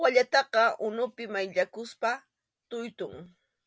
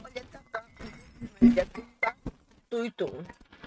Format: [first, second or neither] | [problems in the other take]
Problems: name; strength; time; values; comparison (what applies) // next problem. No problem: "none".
first | noise reduction (neural mask model RNNoise)